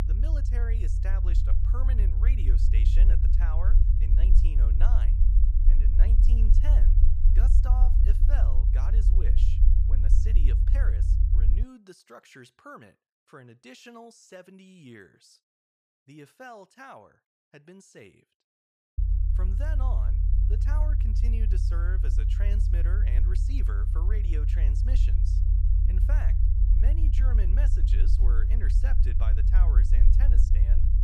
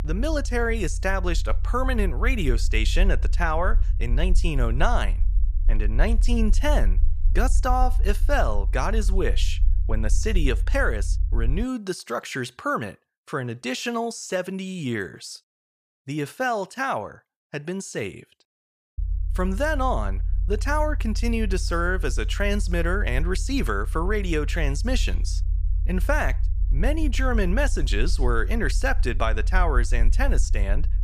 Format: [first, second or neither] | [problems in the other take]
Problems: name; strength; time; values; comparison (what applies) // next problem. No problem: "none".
second | low rumble; loud; until 12 s and from 19 s on; 1 dB below the speech; faint in the second